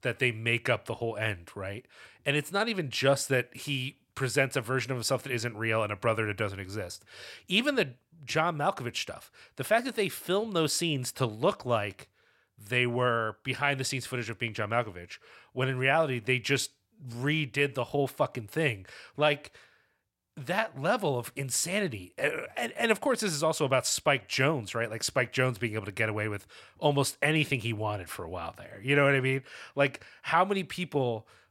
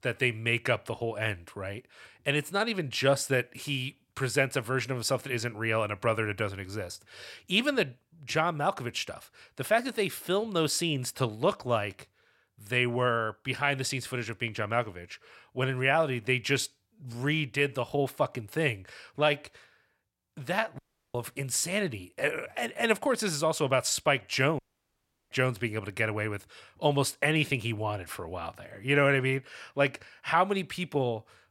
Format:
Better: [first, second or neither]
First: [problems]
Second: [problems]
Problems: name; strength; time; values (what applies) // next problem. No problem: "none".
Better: first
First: none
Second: audio cutting out; at 21 s and at 25 s for 0.5 s